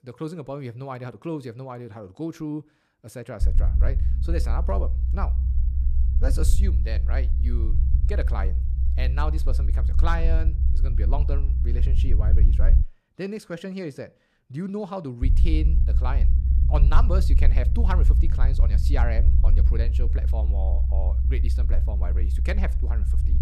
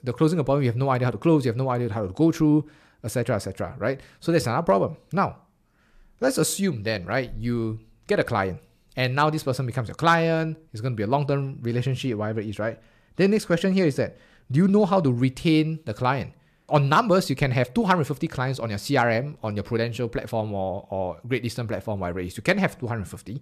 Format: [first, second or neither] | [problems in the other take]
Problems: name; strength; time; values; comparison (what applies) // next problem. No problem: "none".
second | low rumble; loud; from 3.5 to 13 s and from 15 s on; 7 dB below the speech